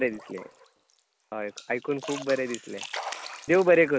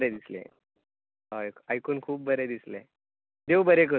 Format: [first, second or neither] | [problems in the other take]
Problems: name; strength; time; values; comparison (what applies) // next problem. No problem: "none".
second | background sound (Splash, splatter); 14 dB below the speech